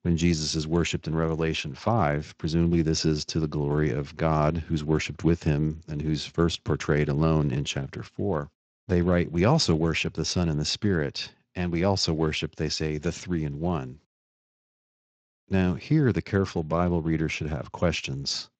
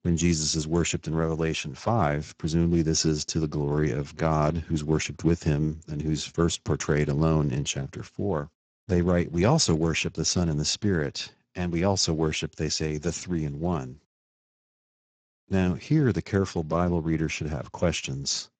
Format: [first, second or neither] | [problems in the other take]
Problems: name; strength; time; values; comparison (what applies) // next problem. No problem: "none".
first | garbled, watery; badly; nothing above 7.5 kHz; slightly in the first